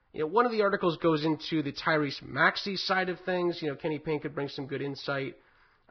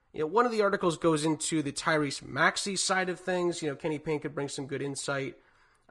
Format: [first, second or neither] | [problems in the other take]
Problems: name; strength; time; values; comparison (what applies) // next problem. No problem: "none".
second | garbled, watery; badly; nothing above 5.5 kHz; slightly in the second